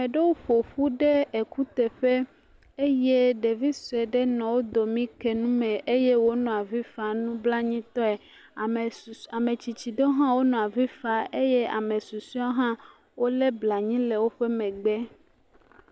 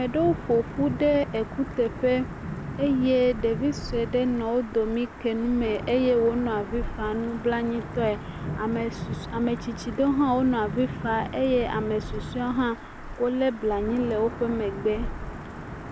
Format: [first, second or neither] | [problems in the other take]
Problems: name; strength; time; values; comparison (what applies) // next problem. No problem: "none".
first | background sound (Thunder / Wind / Rain); 9 dB below the speech